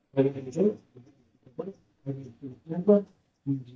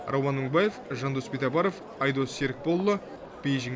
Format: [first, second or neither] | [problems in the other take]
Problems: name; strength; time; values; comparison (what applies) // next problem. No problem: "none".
second | noise reduction (neural mask model DeepFilterNet 3)